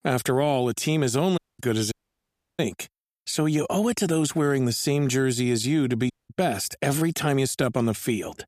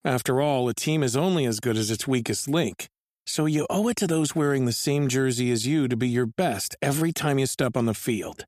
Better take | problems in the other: second | audio cutting out; at 1.5 s, at 2 s for 0.5 s and at 6 s

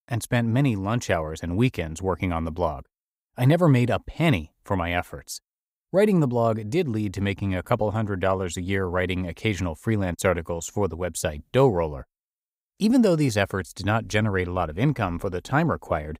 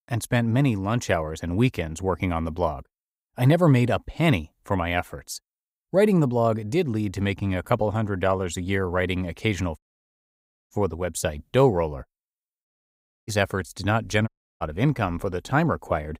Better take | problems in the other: first | audio cutting out; at 10 s for 1 s, at 13 s for 0.5 s and at 14 s

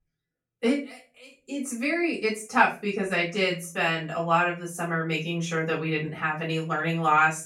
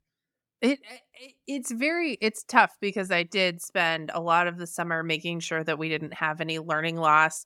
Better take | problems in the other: second | off-mic speech; far // room echo; slight; dies away in 0.3 s

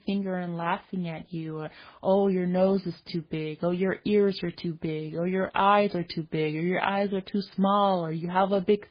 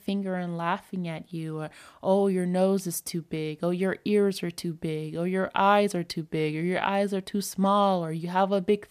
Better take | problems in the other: second | garbled, watery; badly; nothing above 4.5 kHz

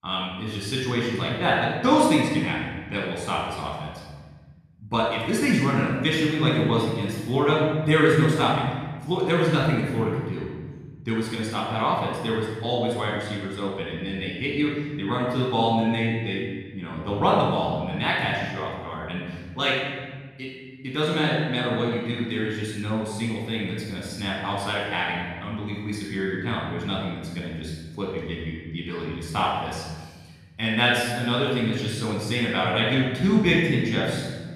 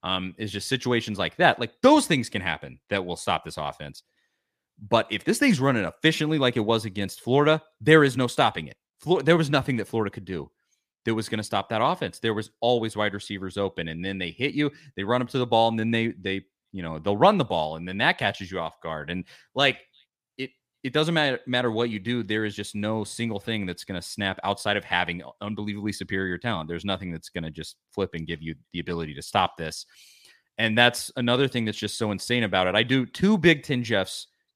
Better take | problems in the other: second | off-mic speech; far // room echo; strong; dies away in 1.5 s

